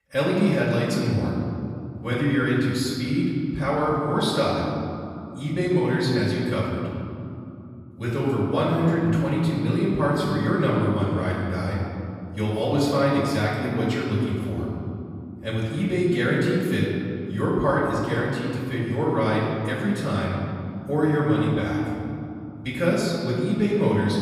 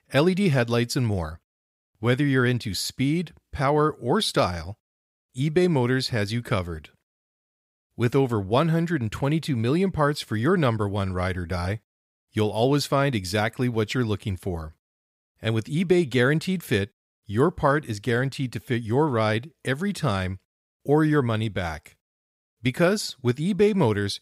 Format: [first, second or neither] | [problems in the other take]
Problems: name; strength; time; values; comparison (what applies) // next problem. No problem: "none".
second | off-mic speech; far // room echo; noticeable; dies away in 2.9 s